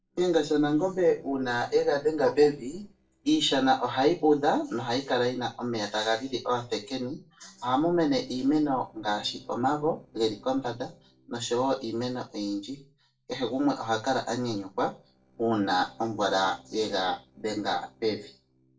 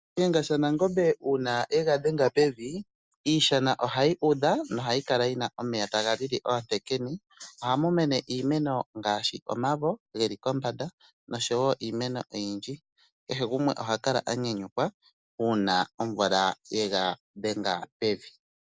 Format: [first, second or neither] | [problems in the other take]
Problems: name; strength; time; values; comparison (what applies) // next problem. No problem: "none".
second | noise reduction (neural separator model SepFormer DNS4)